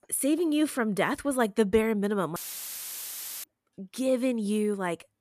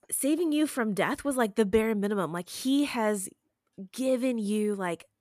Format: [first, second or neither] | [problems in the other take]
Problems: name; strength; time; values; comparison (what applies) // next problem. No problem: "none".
second | audio cutting out; filled with static; at 2.5 s for 1 s